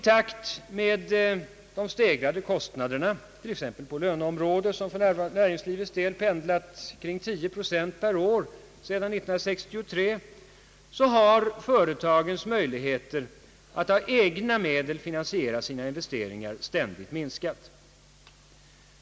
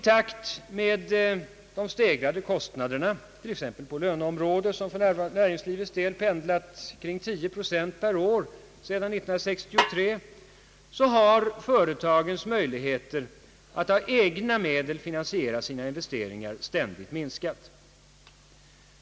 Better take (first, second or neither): first